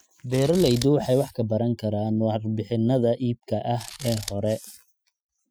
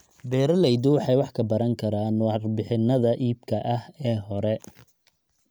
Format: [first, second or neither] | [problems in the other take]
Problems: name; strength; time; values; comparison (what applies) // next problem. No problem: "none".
second | noise reduction (classical method Wiener filter)